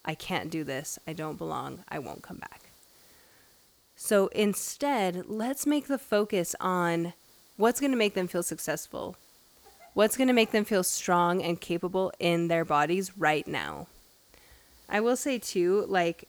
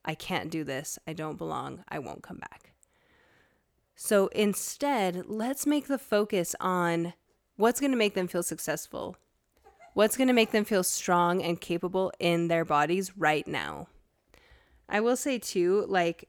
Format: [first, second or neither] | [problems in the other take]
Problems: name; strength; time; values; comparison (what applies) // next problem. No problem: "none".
second | hiss; faint; throughout; 30 dB below the speech